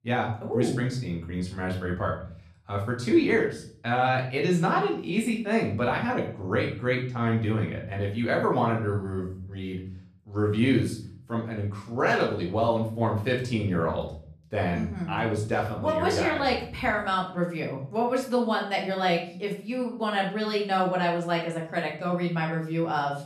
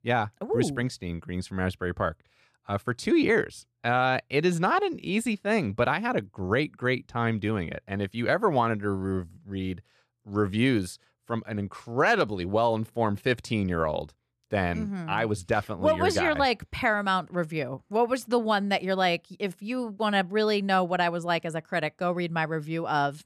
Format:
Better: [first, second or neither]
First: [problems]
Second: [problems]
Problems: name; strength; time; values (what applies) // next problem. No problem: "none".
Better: second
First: room echo; slight; dies away in 0.5 s // off-mic speech; far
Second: none